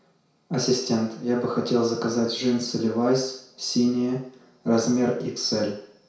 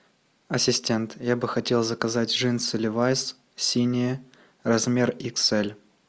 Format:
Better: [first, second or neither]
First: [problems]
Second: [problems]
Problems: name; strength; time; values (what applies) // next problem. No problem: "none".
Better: second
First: room echo; dies away in 0.6 s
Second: none